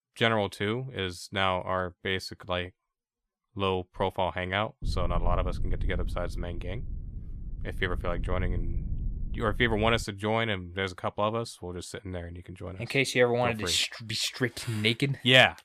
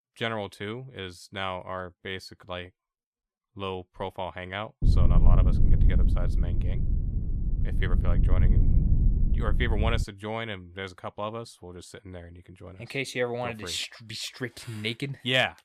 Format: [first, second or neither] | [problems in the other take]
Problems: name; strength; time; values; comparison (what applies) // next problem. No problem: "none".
first | low rumble; loud; from 5 to 10 s; 8 dB below the speech; faint in the first